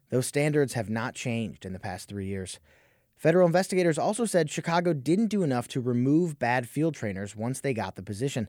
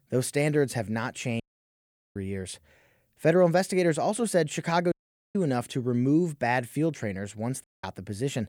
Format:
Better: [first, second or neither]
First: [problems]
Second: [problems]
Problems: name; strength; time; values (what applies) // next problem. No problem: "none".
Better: first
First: none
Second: audio cutting out; at 1.5 s for 1 s, at 5 s and at 7.5 s